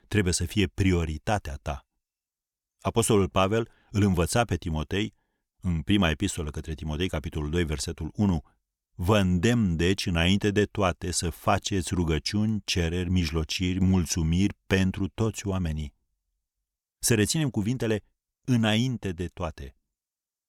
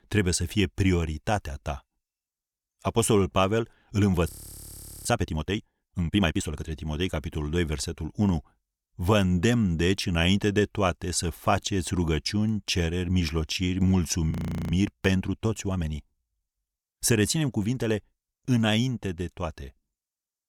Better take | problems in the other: first | audio freezing; at 4.5 s for 1 s and at 14 s

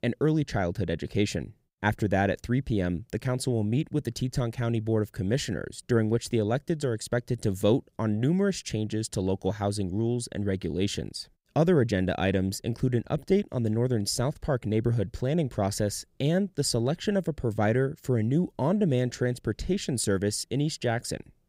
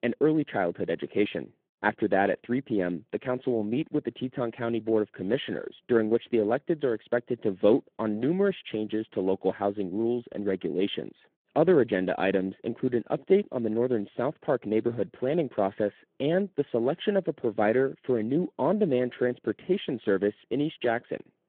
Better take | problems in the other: first | phone-call audio

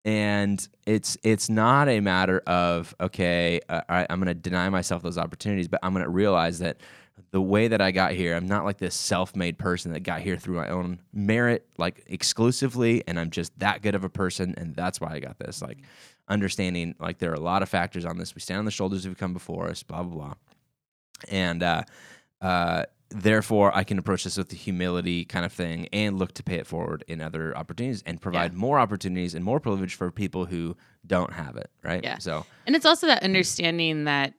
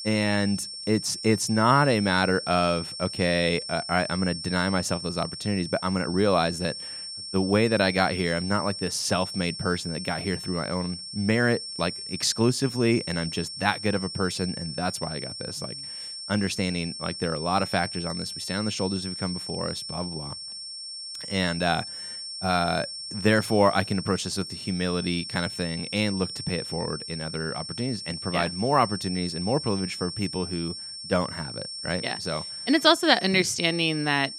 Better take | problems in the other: first | high-pitched whine; loud; throughout; 5.5 kHz, 8 dB below the speech

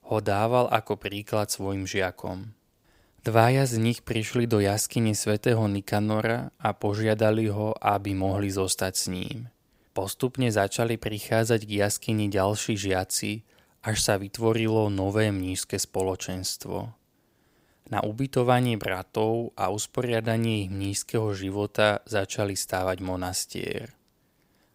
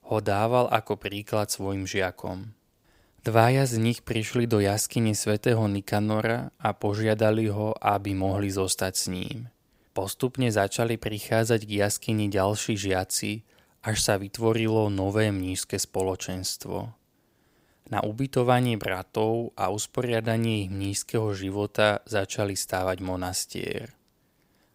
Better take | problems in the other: neither | none

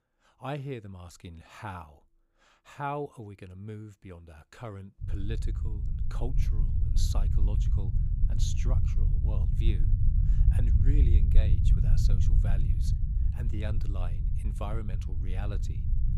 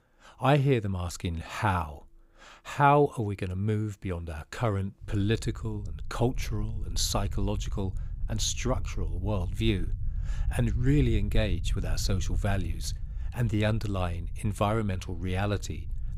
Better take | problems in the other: second | low rumble; loud; from 5 s on; 3 dB below the speech; faint in the second

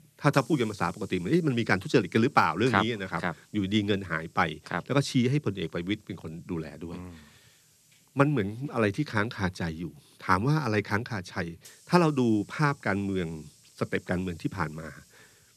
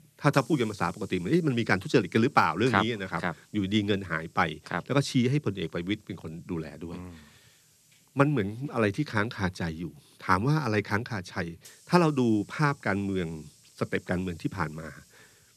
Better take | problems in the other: neither | hiss; faint; throughout; 30 dB below the speech; the same in both

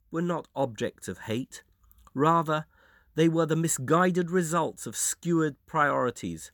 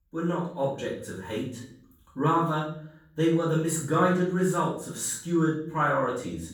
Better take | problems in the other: first | off-mic speech; far // room echo; noticeable; dies away in 0.5 s

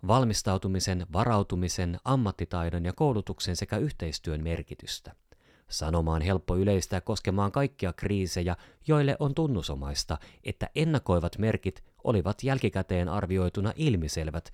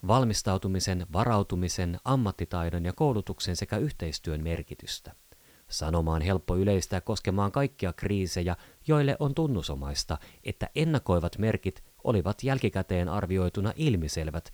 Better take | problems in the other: first | hiss; faint; throughout; 25 dB below the speech

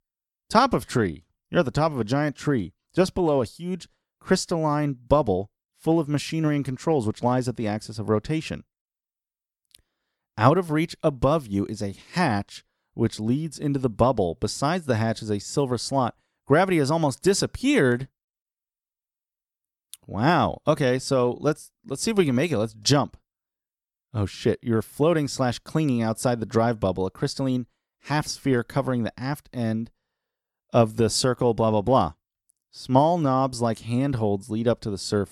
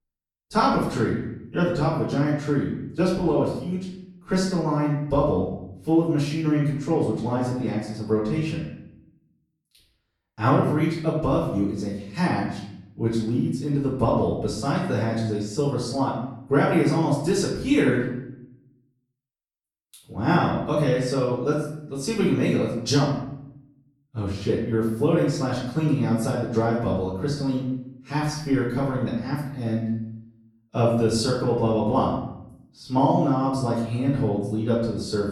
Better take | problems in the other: first | room echo; noticeable; dies away in 0.8 s // off-mic speech; far

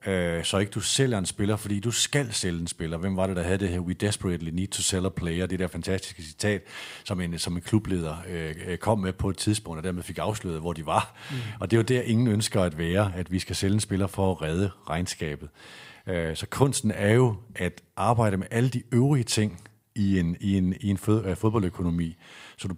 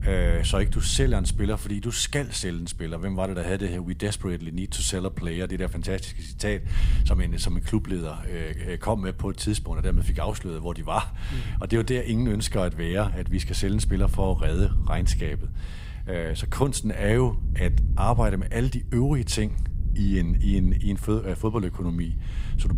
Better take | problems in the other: first | wind noise on the microphone; occasional gusts; 15 dB below the speech

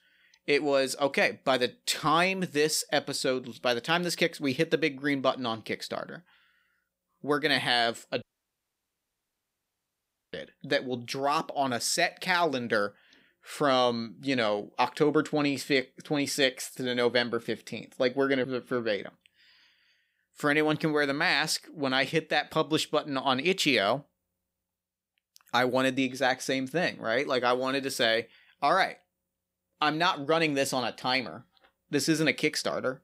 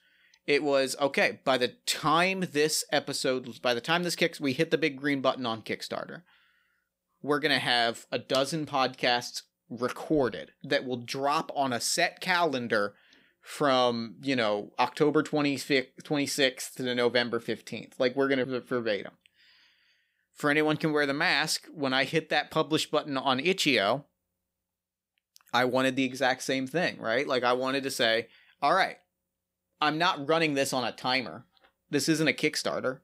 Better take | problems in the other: second | audio cutting out; at 8 s for 2 s

